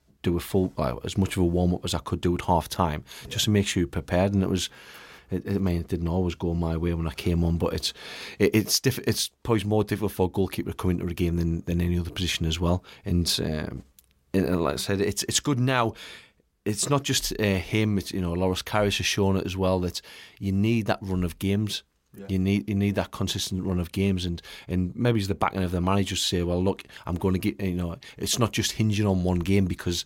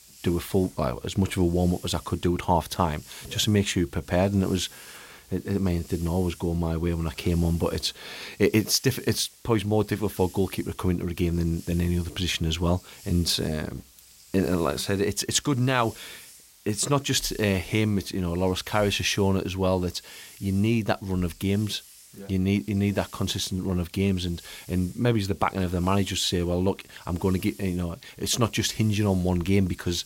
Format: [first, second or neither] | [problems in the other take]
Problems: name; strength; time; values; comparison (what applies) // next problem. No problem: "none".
first | hiss; faint; throughout; 20 dB below the speech